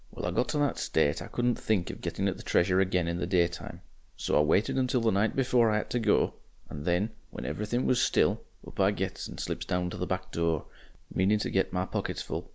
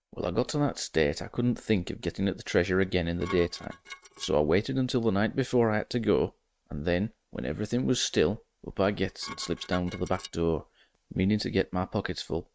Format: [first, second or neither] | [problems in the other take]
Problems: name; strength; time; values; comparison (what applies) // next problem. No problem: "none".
first | noise reduction (neural mask model RNNoise)